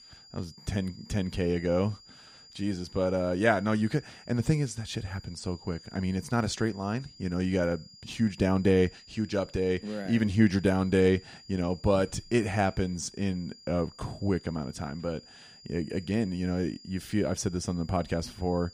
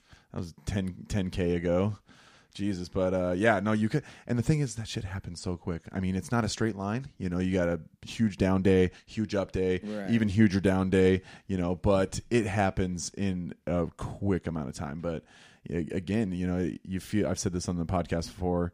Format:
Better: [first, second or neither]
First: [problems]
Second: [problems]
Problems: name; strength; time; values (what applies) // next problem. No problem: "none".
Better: second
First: high-pitched whine; faint; throughout; 5 kHz, 20 dB below the speech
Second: none